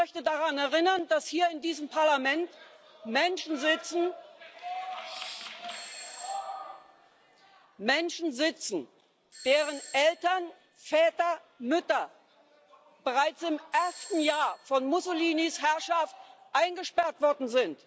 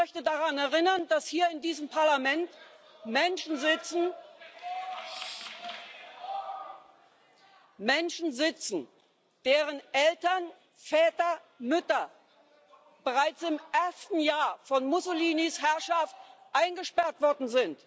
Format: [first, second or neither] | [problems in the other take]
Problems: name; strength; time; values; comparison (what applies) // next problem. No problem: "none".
second | background sound (Doorbell); 20 dB below the speech